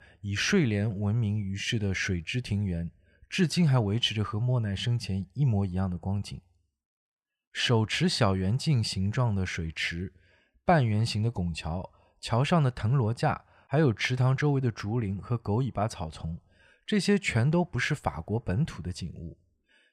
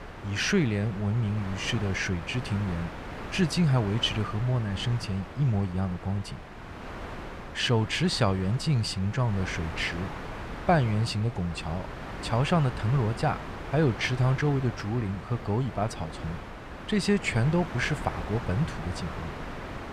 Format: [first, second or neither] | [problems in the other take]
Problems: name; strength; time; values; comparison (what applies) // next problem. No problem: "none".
first | wind noise on the microphone; heavy; 8 dB below the speech